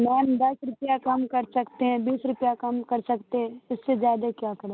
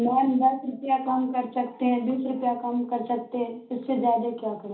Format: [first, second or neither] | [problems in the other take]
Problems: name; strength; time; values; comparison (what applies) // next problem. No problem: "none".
first | room echo; dies away in 0.4 s